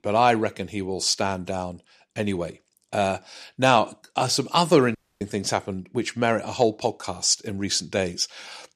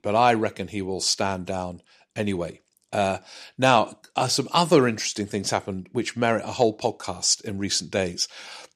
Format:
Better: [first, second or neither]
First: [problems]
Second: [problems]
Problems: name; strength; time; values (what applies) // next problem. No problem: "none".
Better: second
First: audio cutting out; at 5 s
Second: none